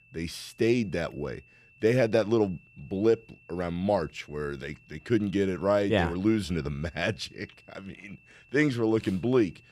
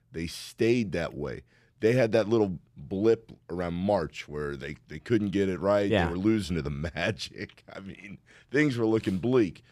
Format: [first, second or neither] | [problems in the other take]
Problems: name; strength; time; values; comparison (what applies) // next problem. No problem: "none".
second | high-pitched whine; faint; throughout; 2.5 kHz, 30 dB below the speech